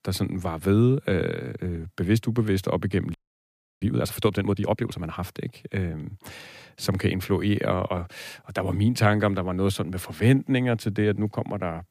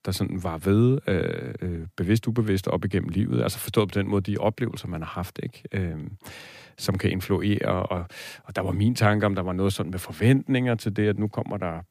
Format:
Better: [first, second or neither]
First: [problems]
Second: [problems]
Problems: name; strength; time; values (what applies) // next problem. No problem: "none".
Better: second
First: audio freezing; at 3 s for 0.5 s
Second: none